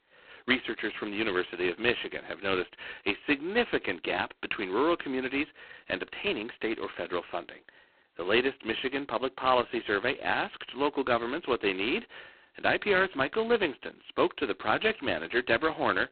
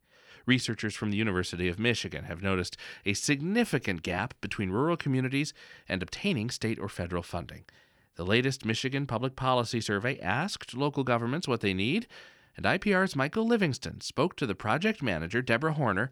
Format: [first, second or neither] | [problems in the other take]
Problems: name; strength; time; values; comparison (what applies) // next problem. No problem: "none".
second | phone-call audio; poor line; nothing above 4 kHz